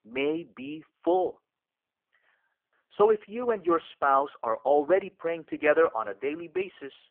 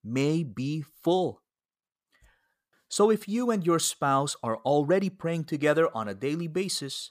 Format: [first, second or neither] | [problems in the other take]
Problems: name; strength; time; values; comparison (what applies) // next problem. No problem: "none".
second | phone-call audio; poor line